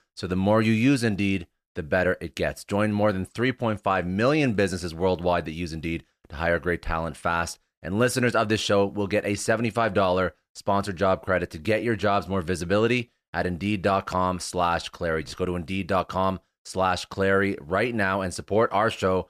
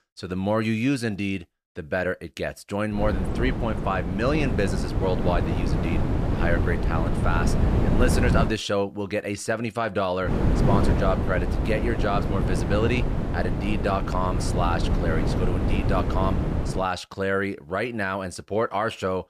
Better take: first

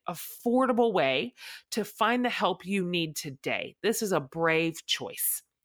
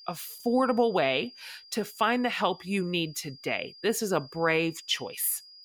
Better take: first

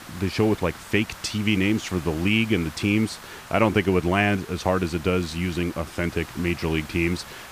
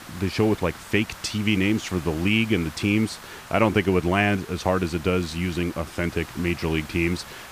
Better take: neither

